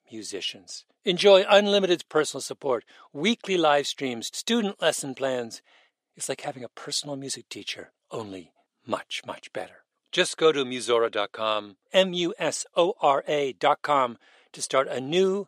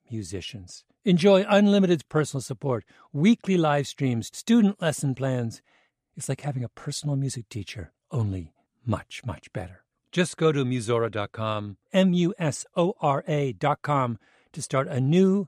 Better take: second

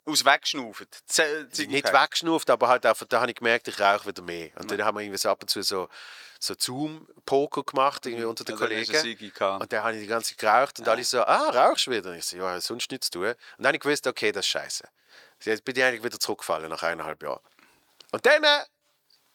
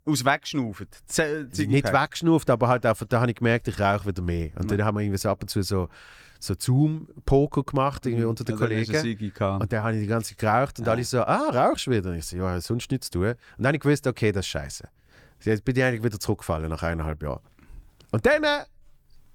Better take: second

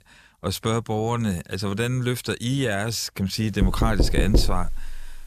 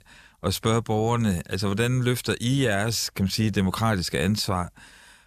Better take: second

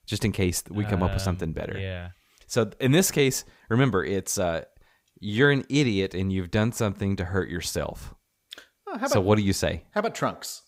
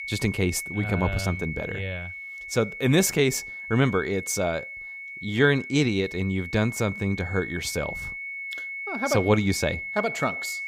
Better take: first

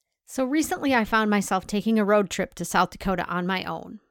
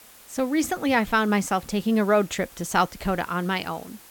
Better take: first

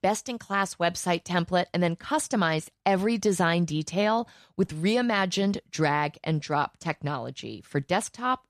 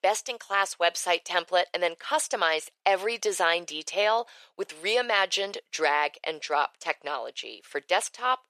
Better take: first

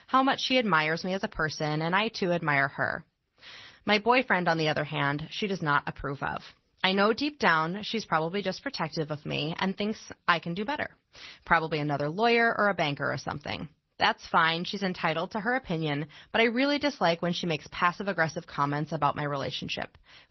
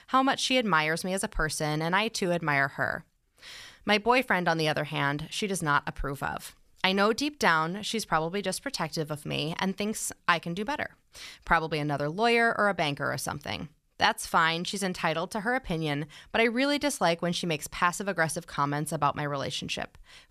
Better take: second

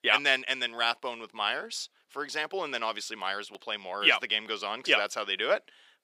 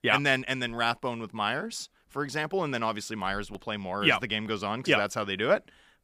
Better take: second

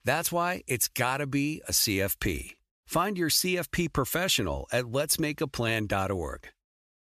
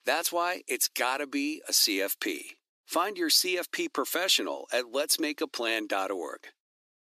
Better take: first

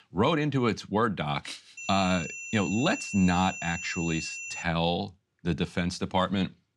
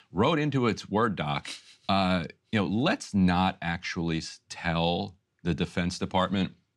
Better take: second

